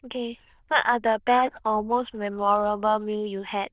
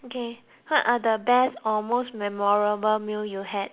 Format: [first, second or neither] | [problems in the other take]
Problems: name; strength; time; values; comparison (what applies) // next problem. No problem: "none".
second | noise reduction (neural diffusion model UNIVERSE++)